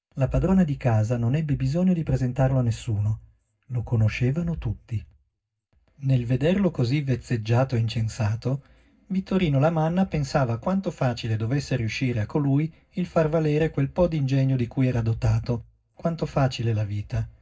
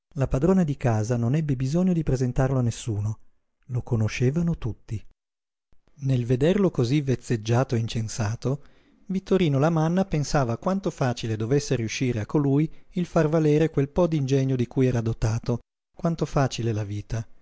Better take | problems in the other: second | room echo; dies away in 0.4 s

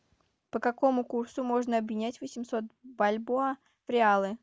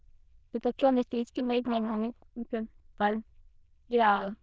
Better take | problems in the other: first | noise reduction (neural diffusion model UNIVERSE++)

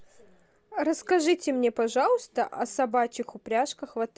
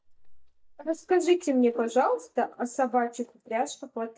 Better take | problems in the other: first | noise reduction (neural mask model DeepFilterNet 3)

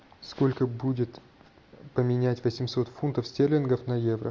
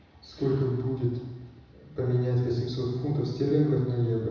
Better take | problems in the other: first | room echo; dies away in 1.1 s

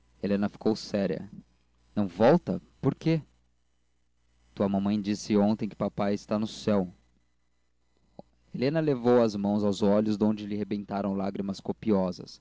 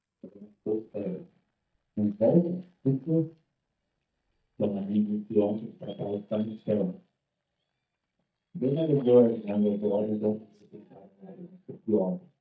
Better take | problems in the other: first | noise reduction (neural mask model DeepFilterNet 3)

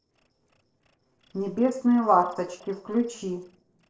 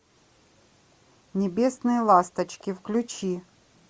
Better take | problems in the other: second | noise reduction (neural separator model SepFormer DNS4)

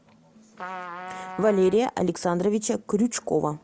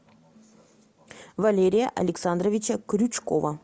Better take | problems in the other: second | background sound (Trumpet); 13 dB below the speech

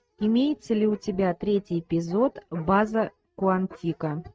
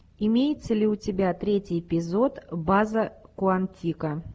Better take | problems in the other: second | noise reduction (neural mask model RNNoise)

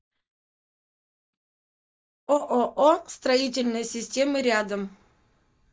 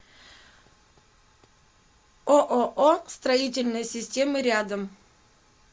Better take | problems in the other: second | noise reduction (neural mask model DeepFilterNet 3)

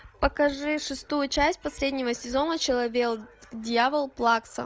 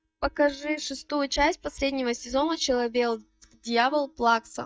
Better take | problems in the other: first | noise reduction (neural mask model DeepFilterNet 3)

